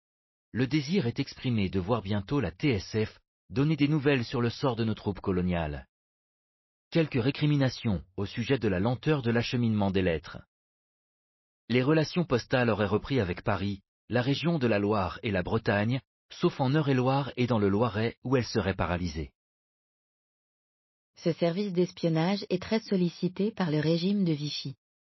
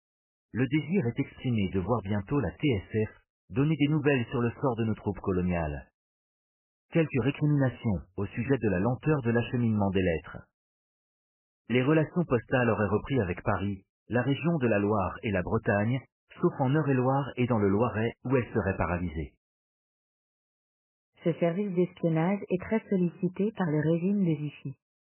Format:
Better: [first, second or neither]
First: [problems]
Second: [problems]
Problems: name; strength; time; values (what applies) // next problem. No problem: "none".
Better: first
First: garbled, watery; slightly; nothing above 5.5 kHz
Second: garbled, watery; badly; nothing above 3 kHz